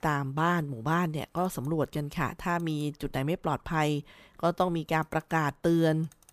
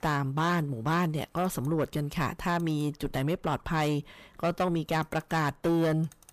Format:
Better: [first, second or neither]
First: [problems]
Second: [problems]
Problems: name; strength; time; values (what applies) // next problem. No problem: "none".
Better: first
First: none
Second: distortion; slight; 10 dB below the speech